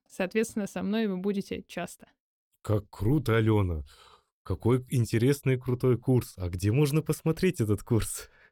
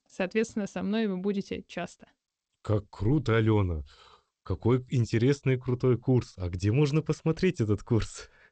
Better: first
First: none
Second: garbled, watery; slightly; nothing above 8 kHz

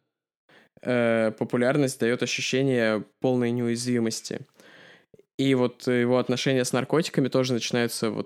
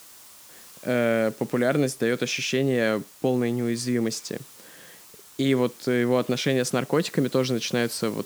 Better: first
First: none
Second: hiss; faint; throughout; 20 dB below the speech

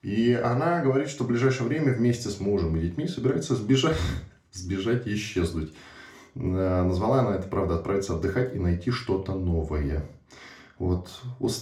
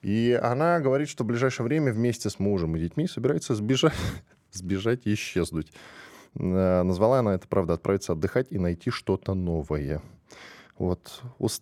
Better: second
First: room echo; slight; dies away in 0.4 s // off-mic speech; somewhat distant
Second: none

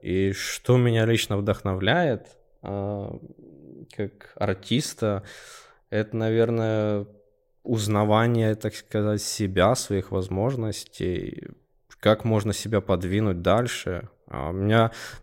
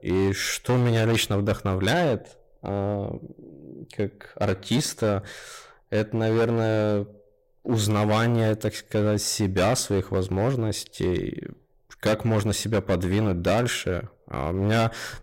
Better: first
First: none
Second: distortion; heavy; 11% of the sound clipped

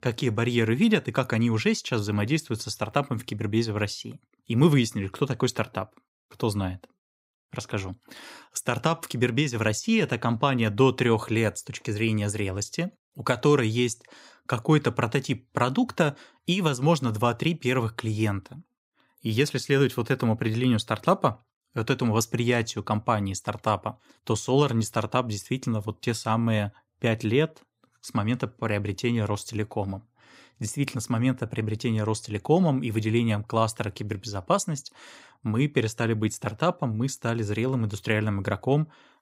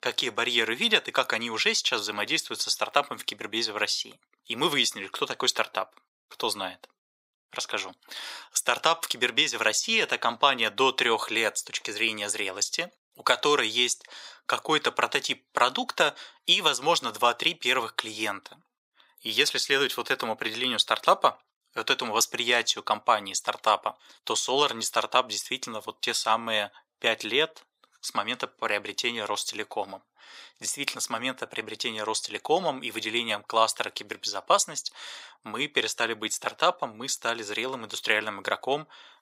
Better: first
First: none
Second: thin; very; fading below 650 Hz

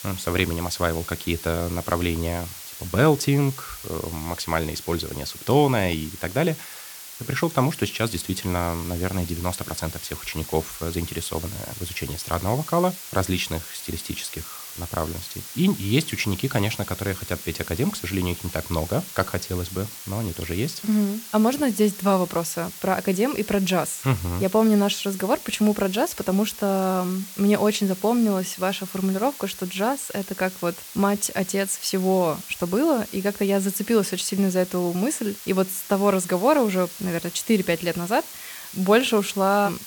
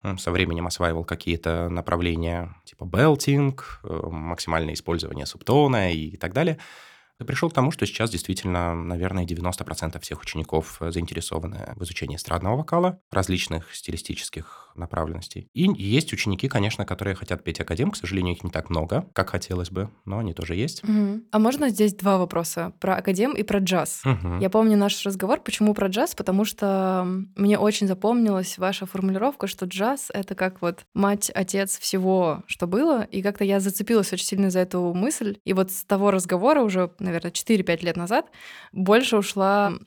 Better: second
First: hiss; noticeable; throughout; 10 dB below the speech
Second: none

